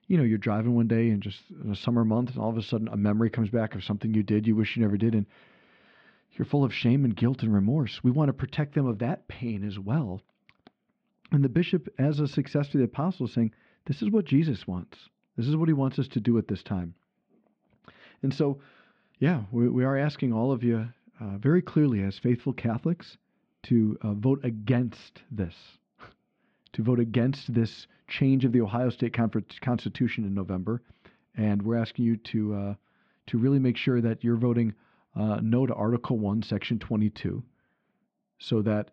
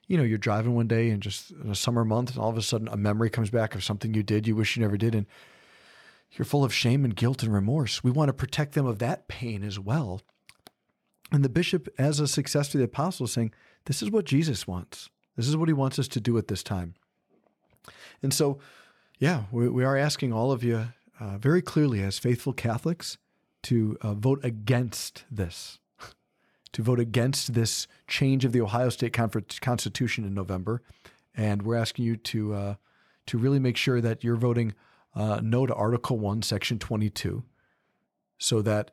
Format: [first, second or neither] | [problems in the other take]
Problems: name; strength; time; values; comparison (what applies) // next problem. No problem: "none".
second | muffled; slightly; fading above 3.5 kHz